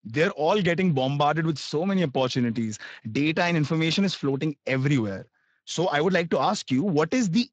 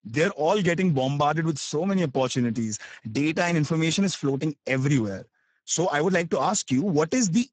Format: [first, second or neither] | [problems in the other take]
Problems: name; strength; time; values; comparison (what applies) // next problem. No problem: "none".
first | garbled, watery; badly; nothing above 7.5 kHz; slightly in the first